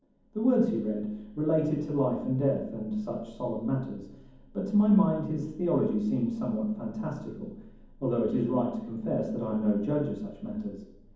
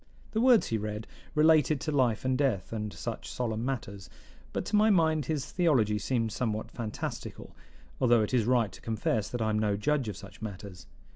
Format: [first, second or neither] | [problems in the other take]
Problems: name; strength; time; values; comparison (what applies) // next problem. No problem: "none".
second | room echo; dies away in 1.2 s